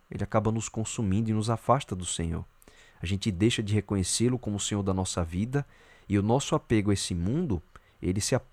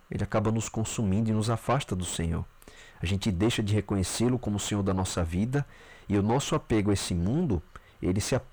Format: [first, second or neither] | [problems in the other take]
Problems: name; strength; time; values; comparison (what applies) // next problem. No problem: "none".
first | distortion; heavy; 6 dB below the speech